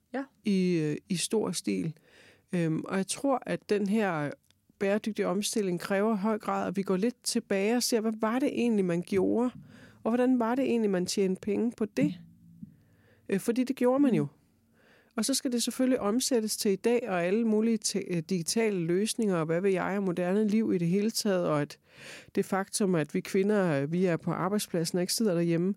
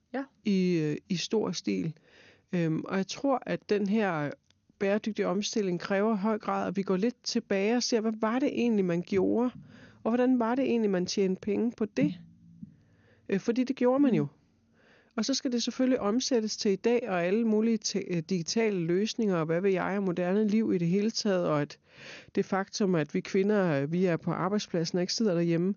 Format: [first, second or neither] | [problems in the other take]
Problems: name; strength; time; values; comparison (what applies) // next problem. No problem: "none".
first | garbled, watery; slightly; nothing above 6.5 kHz